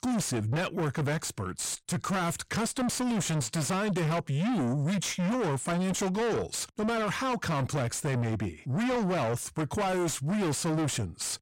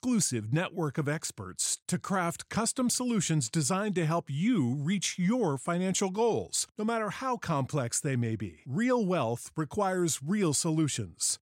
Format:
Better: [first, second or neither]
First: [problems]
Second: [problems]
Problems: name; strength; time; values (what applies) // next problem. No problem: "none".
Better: second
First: distortion; heavy; 6 dB below the speech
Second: none